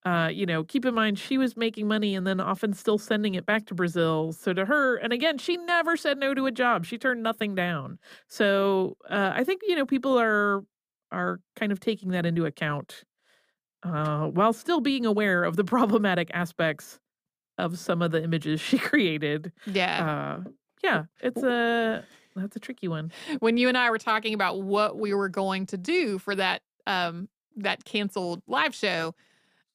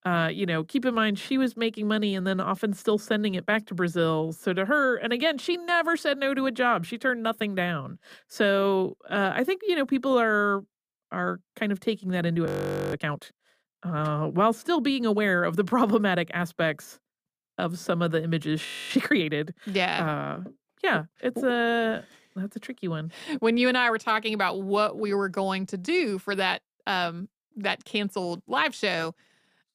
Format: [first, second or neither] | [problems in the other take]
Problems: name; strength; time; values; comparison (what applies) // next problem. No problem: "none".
first | audio freezing; at 12 s and at 19 s